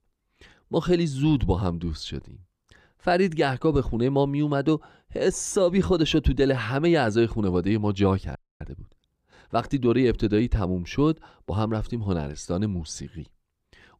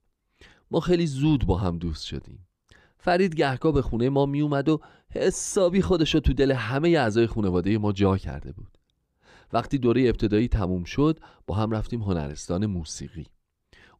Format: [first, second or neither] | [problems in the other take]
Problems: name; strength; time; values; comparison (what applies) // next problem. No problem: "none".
second | audio freezing; at 8.5 s